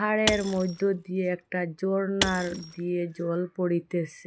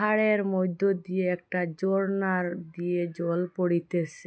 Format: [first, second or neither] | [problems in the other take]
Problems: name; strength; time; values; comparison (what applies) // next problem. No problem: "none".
second | background sound (Shatter / Crushing); 8 dB below the speech